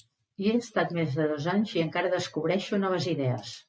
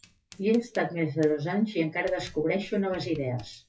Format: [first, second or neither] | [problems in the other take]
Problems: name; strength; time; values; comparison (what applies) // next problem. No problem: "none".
first | noise reduction (classical method WPE with log-MMSE)